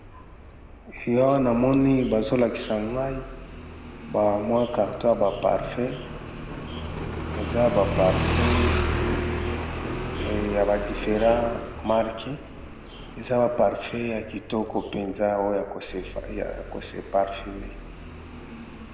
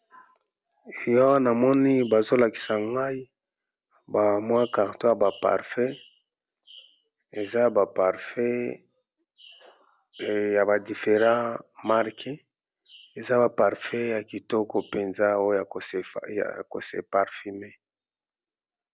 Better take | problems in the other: second | background sound (Motorcycle); 6 dB below the speech // room echo; dies away in 1.4 s

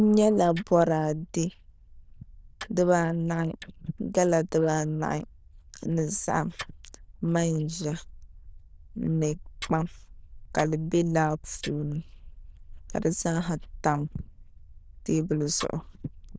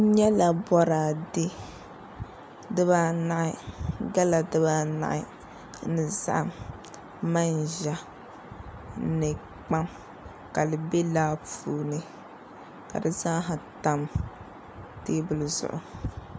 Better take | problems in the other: second | noise reduction (neural diffusion model UNIVERSE++)

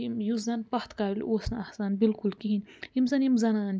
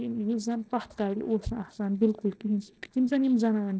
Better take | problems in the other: first | noise reduction (neural separator model SepFormer DNS4)

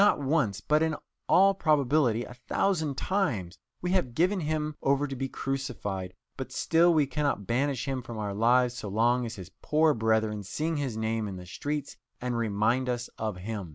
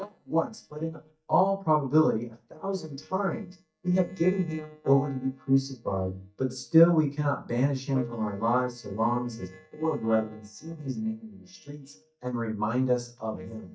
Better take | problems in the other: first | noise reduction (neural mask model DeepFilterNet 3)

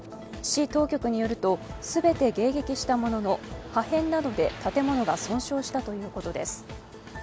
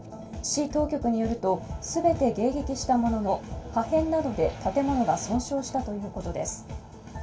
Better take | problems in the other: first | room echo; dies away in 0.2 s

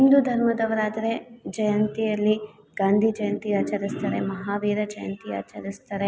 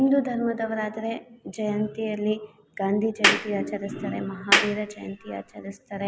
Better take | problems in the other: first | background sound (Clapping); 2 dB above the speech

